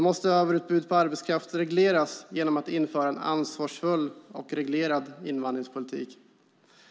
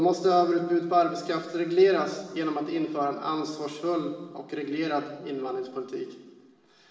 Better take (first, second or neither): first